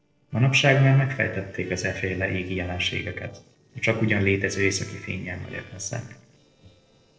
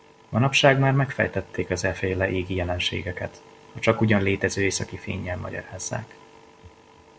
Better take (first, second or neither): second